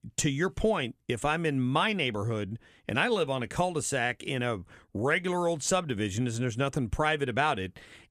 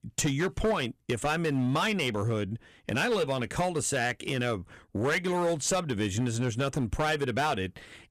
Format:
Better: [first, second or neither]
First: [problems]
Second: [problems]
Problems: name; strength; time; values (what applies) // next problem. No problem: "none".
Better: first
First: none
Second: distortion; slight; 9% of the sound clipped